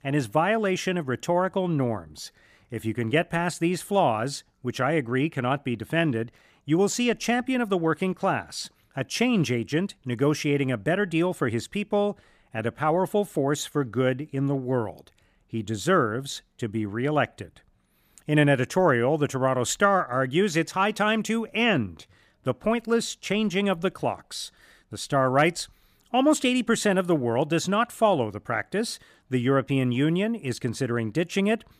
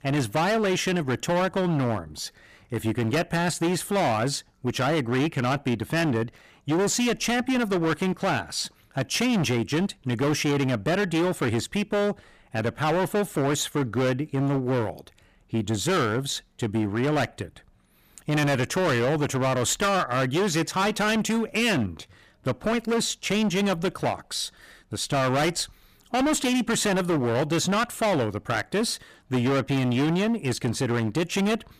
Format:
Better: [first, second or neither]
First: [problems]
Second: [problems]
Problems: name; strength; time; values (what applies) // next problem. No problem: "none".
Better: first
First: none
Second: distortion; heavy; 22% of the sound clipped